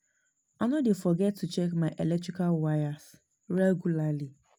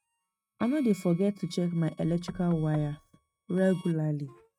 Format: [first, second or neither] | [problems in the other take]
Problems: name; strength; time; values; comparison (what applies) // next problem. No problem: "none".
first | noise reduction (neural mask model RNNoise)